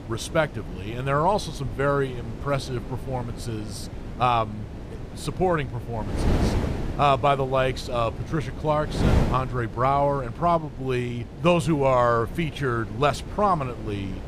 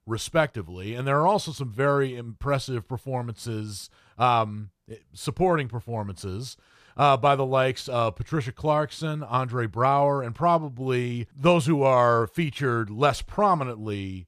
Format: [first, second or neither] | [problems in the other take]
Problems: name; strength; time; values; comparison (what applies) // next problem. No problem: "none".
second | wind noise on the microphone; occasional gusts; 15 dB below the speech